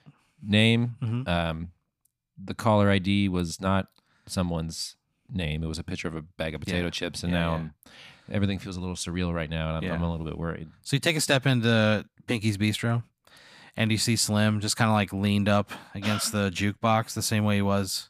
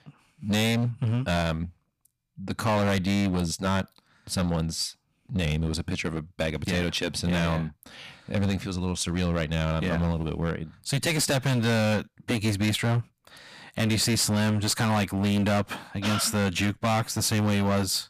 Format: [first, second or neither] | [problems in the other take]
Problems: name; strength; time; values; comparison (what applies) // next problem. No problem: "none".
first | distortion; heavy; 15% of the sound clipped